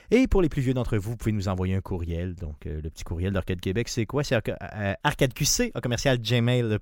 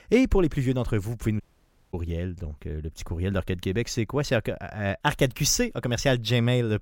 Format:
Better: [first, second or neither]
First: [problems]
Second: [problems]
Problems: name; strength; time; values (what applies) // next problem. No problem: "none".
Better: first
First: none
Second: audio cutting out; at 1.5 s for 0.5 s